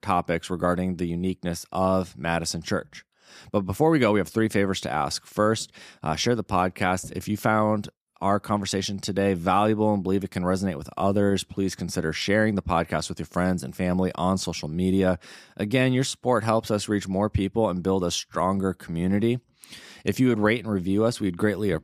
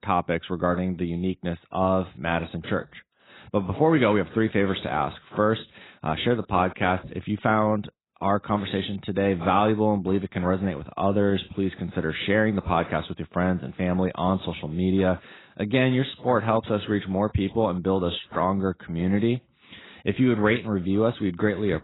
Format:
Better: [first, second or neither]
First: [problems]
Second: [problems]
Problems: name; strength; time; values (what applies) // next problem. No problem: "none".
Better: first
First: none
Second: garbled, watery; badly; nothing above 4 kHz